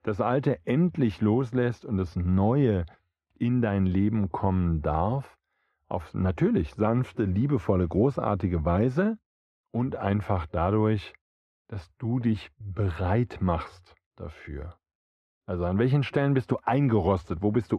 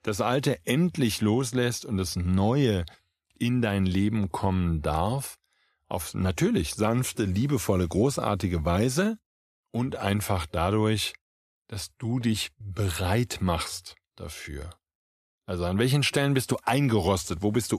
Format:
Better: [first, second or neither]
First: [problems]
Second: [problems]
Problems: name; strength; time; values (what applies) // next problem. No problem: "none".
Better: second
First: muffled; very; fading above 3.5 kHz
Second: none